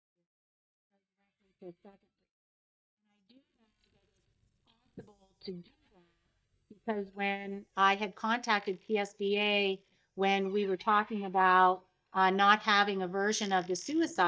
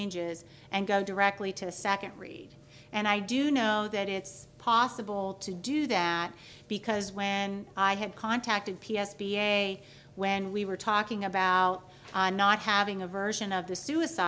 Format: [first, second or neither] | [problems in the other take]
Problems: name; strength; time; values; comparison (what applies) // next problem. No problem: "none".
second | noise reduction (neural mask model DeepFilterNet 3)